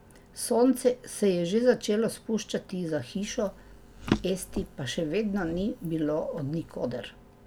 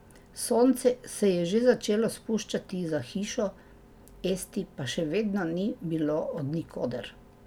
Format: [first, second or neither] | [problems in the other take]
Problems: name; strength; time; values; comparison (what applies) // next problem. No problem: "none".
second | background sound (Drawer open or close); 10 dB below the speech